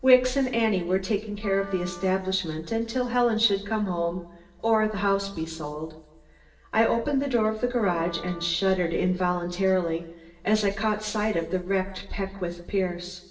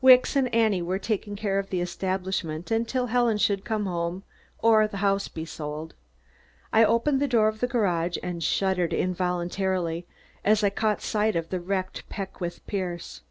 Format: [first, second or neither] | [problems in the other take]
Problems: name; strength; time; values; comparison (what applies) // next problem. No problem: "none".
second | background sound (Wind instrument, woodwind instrument); 19 dB below the speech // room echo; dies away in 0.9 s